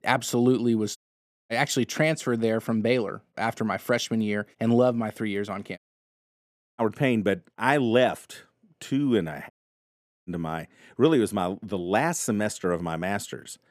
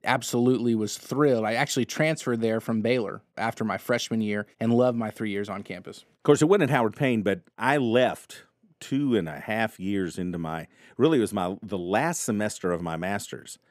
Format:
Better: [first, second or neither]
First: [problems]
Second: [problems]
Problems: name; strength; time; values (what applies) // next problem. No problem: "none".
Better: second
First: audio cutting out; at 1 s for 0.5 s, at 6 s for 1 s and at 9.5 s for 1 s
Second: none